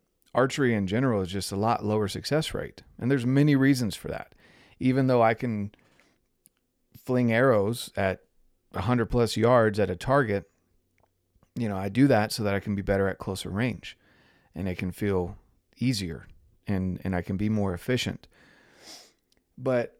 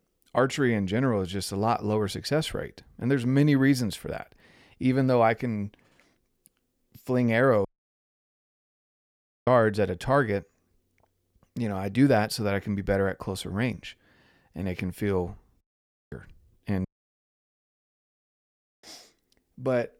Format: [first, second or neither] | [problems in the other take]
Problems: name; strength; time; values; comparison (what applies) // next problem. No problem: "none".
first | audio cutting out; at 7.5 s for 2 s, at 16 s for 0.5 s and at 17 s for 2 s